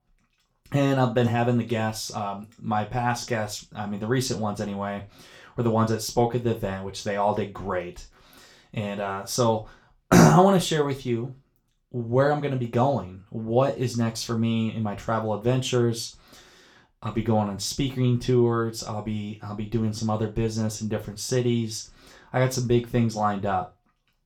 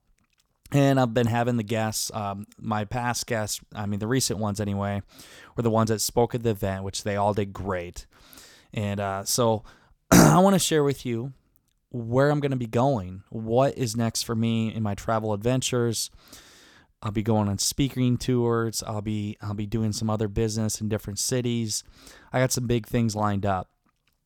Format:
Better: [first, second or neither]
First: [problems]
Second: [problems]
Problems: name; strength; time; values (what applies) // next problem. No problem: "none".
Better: second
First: room echo; very slight; dies away in 0.3 s // off-mic speech; somewhat distant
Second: none